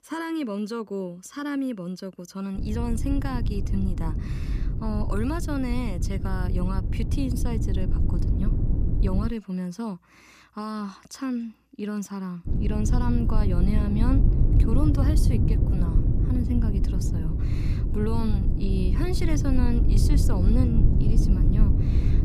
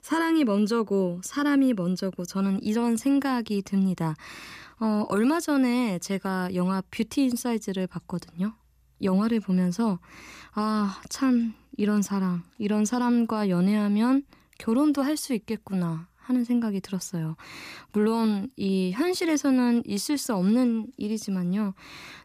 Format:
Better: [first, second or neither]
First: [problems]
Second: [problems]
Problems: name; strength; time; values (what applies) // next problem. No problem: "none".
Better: second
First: low rumble; loud; from 2.5 to 9.5 s and from 12 s on; 3 dB below the speech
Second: none